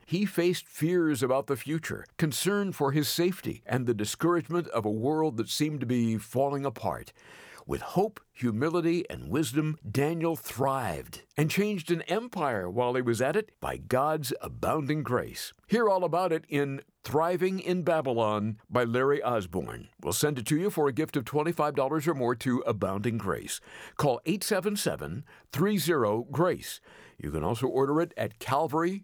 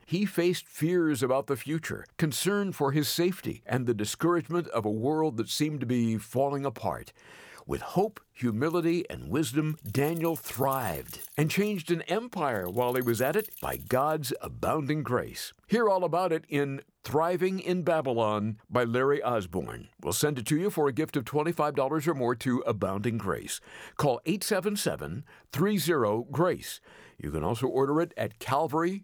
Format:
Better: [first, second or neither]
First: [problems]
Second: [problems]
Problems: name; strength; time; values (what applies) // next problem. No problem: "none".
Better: first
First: none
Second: jangling keys; noticeable; from 8.5 to 14 s; peak 10 dB below the speech